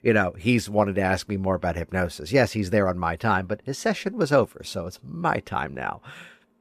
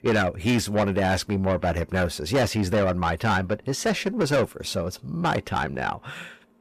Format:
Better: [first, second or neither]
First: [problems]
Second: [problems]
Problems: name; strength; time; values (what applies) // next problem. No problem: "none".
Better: first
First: none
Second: distortion; heavy; 8 dB below the speech